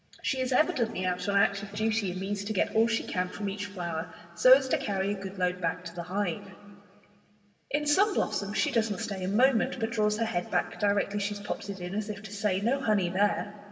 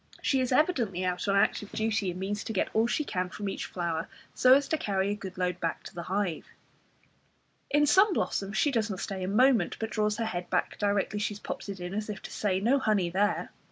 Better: second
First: room echo; dies away in 2 s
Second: none

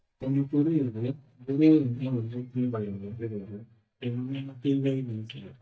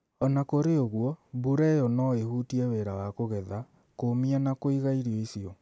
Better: second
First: noise reduction (neural mask model DeepFilterNet 3)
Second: none

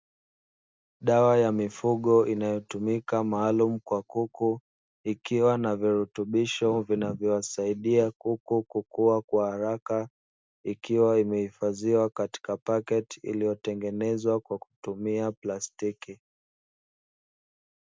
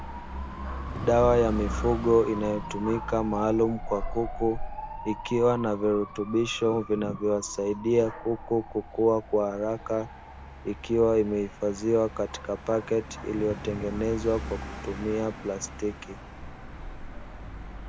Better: first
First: none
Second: background sound (Motorcycle / Dog); 10 dB below the speech

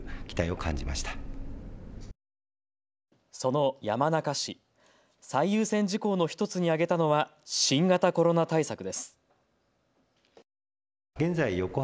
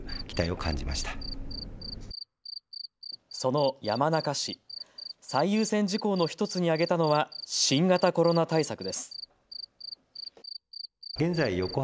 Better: first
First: none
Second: background sound (Cricket); 14 dB below the speech

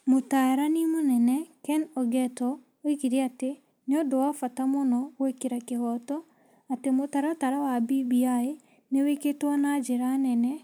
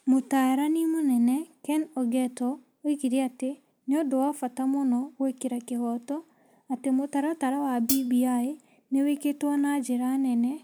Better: first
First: none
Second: background sound (Hi-hat); 5 dB below the speech

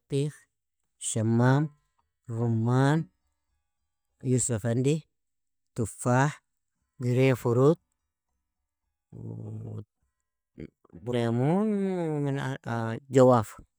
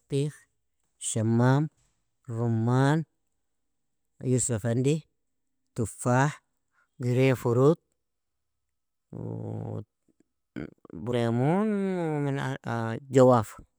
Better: second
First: noise reduction (neural mask model DeepFilterNet 3)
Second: none

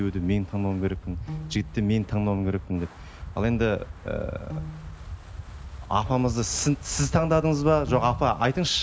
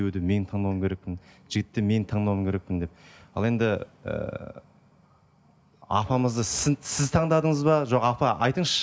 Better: second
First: background sound (Piano + Wind); 11 dB below the speech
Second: none

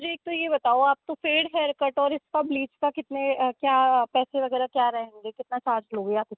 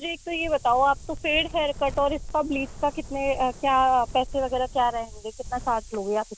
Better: first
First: none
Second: background sound (Wind); 14 dB below the speech

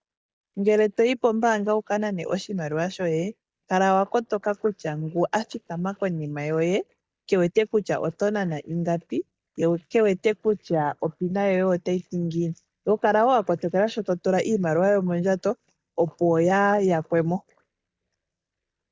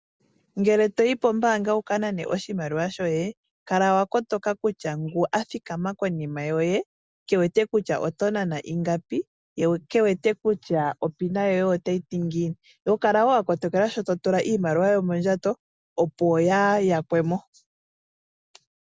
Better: second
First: noise reduction (neural mask model DeepFilterNet 3)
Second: none

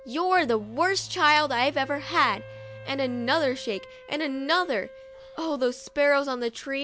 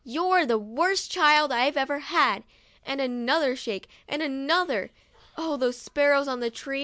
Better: second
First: background sound (Engine / Domestic sounds, home sounds + Wind instrument, woodwind instrument); 19 dB below the speech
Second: none

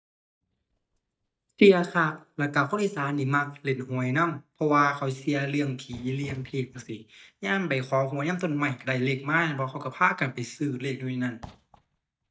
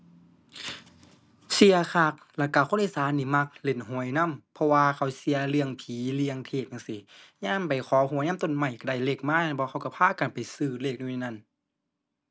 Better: second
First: noise reduction (neural mask model DeepFilterNet 3)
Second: none

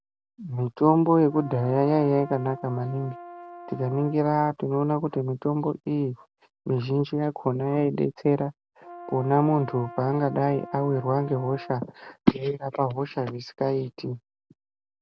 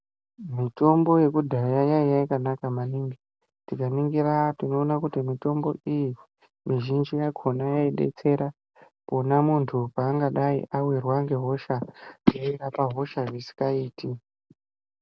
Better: second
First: background sound (Brass instrument); 16 dB below the speech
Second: none

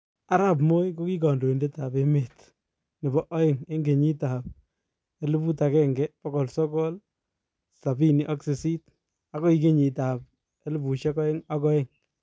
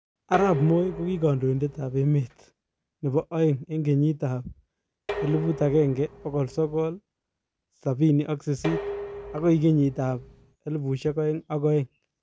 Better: first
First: none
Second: background sound (Dishes, pots, and pans); 12 dB below the speech

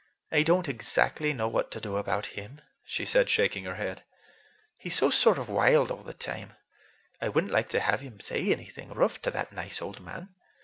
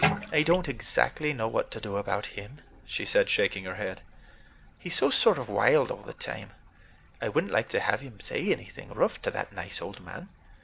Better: first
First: none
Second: background sound (Bathtub (filling or washing)); 11 dB below the speech

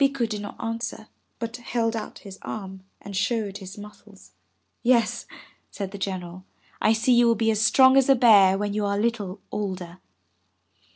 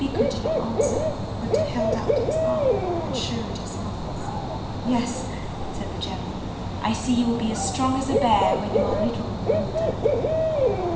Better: first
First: none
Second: background sound (Bird / Dog); 4 dB above the speech // room echo; dies away in 1.1 s

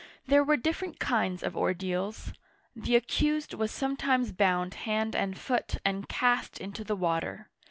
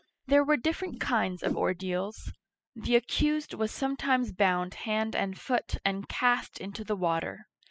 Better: first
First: none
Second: noise reduction (classical method spectral subtraction)

